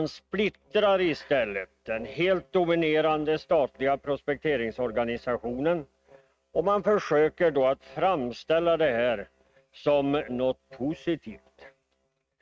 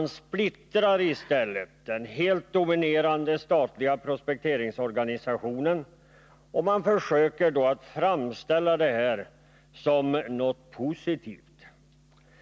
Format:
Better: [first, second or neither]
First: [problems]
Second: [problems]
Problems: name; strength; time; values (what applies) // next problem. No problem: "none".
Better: second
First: noise reduction (neural mask model RNNoise)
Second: none